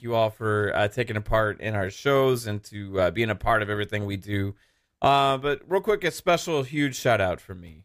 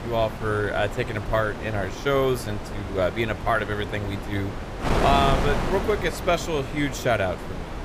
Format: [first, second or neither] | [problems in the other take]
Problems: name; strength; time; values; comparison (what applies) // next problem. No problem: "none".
first | wind noise on the microphone; heavy; 7 dB below the speech